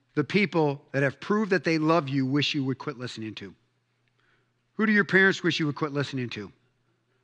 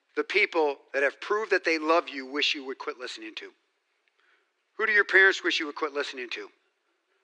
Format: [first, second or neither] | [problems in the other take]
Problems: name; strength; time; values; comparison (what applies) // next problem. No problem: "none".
first | thin; very; fading below 350 Hz